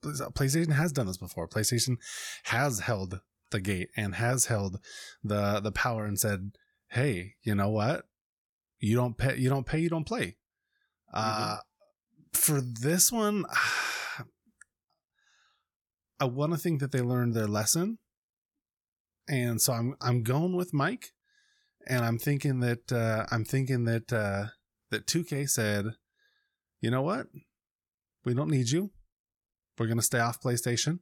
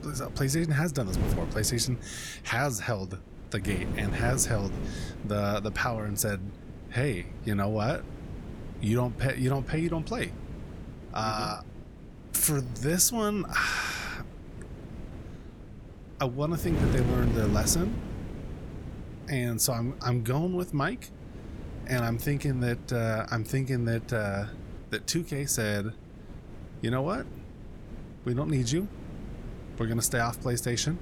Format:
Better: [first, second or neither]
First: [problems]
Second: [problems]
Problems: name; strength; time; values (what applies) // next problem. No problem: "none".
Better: first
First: none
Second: wind noise on the microphone; occasional gusts; 15 dB below the speech